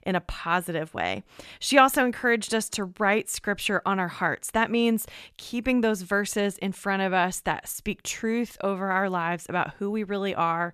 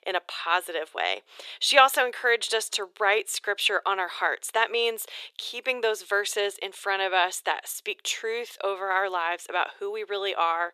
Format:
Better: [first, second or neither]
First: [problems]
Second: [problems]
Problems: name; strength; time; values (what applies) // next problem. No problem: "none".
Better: first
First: none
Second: thin; very; fading below 400 Hz